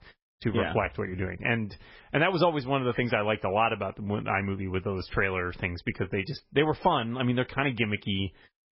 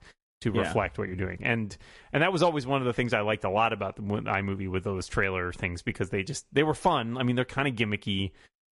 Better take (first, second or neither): second